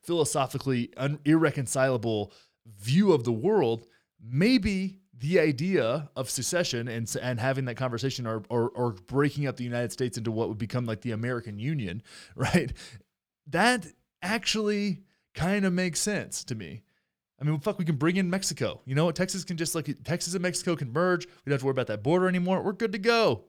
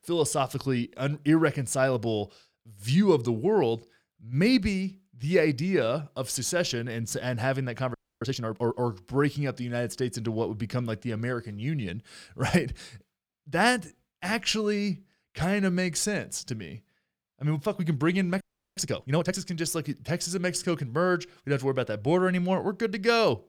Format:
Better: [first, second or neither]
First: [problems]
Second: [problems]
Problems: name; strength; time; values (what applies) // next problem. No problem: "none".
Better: first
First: none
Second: audio freezing; at 8 s and at 18 s